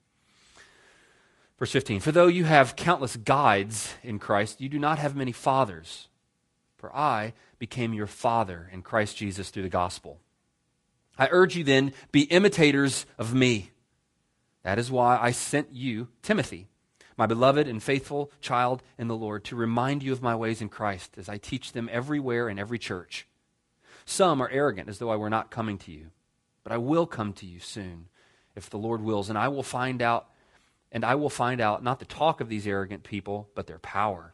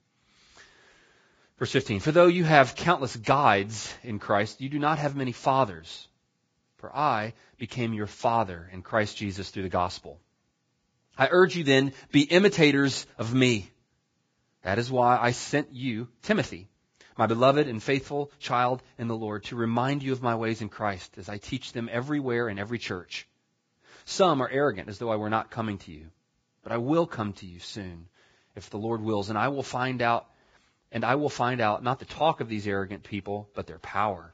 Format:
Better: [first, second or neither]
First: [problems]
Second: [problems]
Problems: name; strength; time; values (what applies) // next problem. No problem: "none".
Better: first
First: garbled, watery; slightly; nothing above 10.5 kHz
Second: garbled, watery; badly; nothing above 7.5 kHz